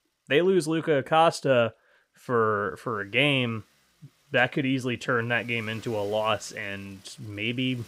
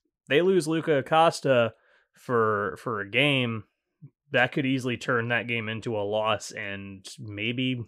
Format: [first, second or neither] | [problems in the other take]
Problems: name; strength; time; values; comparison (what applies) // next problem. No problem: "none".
second | traffic noise; faint; throughout; 30 dB below the speech